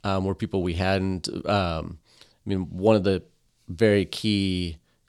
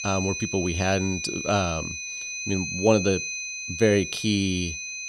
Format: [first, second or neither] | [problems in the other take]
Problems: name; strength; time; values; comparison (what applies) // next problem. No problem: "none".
first | high-pitched whine; loud; throughout; 2.5 kHz, 5 dB below the speech